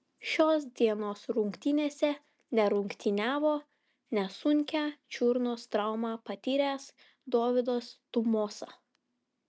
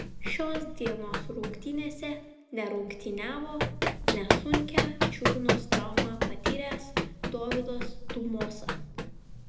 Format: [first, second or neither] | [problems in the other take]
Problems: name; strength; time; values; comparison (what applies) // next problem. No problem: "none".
first | background sound (Run); 4 dB above the speech // room echo; dies away in 0.7 s